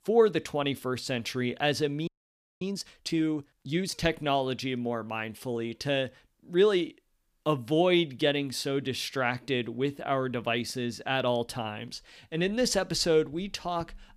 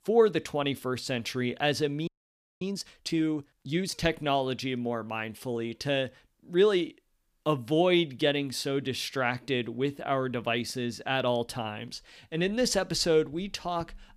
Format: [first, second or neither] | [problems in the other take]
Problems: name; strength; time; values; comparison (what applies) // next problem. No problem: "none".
neither | audio freezing; at 2 s for 0.5 s; the same in both